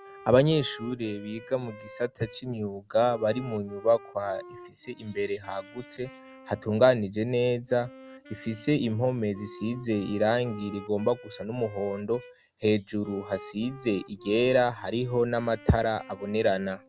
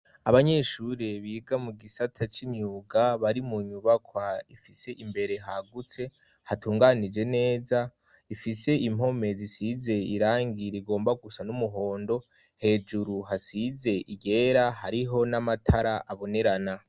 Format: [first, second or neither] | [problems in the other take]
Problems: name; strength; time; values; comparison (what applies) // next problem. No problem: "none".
second | background sound (Wind instrument, woodwind instrument); 20 dB below the speech